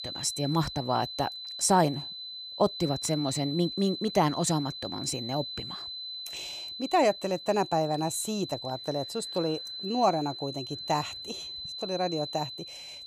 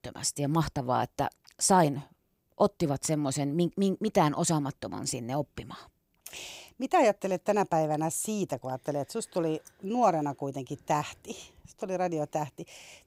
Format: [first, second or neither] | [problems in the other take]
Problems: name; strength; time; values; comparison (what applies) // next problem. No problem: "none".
second | high-pitched whine; loud; throughout; 4 kHz, 8 dB below the speech